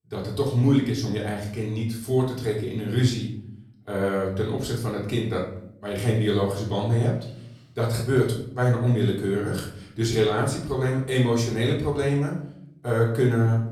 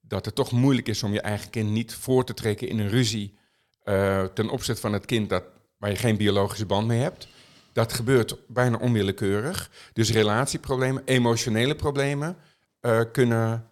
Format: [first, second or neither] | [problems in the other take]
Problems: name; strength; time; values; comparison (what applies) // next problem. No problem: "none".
second | off-mic speech; far // room echo; noticeable; dies away in 0.6 s